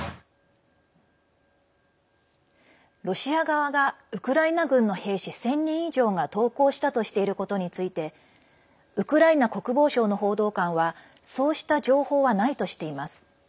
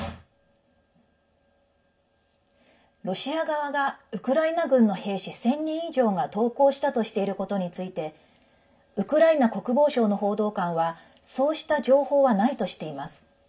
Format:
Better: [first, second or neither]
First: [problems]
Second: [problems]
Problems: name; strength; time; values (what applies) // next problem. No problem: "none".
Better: first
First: none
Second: room echo; dies away in 0.3 s